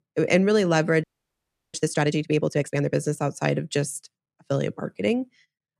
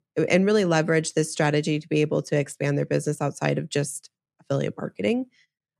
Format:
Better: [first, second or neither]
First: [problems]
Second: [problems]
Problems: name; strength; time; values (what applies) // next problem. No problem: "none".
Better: second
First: audio freezing; at 1 s for 0.5 s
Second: none